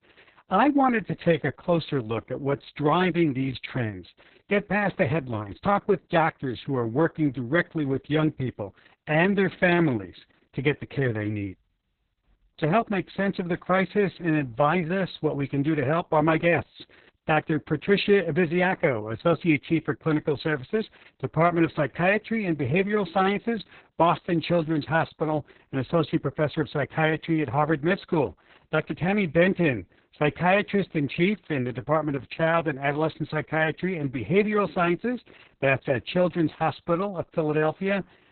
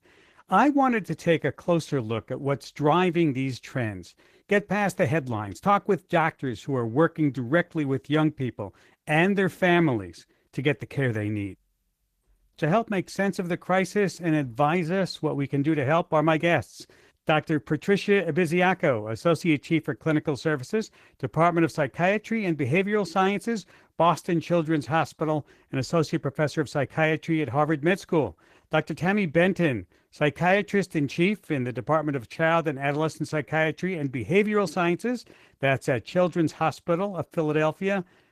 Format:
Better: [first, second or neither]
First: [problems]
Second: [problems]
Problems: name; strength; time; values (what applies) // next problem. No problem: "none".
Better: second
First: garbled, watery; badly; nothing above 4 kHz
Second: garbled, watery; slightly; nothing above 14.5 kHz